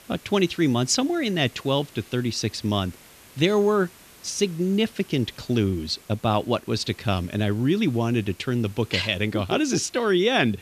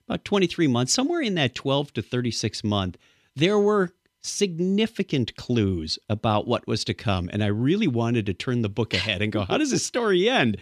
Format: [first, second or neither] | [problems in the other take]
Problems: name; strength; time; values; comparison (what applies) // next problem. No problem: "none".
second | hiss; faint; throughout; 25 dB below the speech